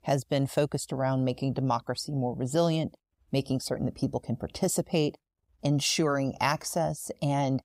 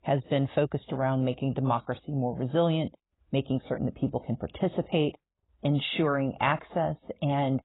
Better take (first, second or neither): first